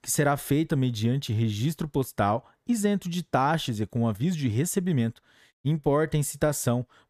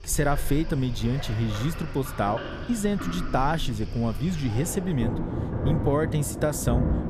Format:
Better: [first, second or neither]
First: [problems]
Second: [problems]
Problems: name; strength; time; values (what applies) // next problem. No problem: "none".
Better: first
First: none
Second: rain or running water; loud; throughout; 5 dB below the speech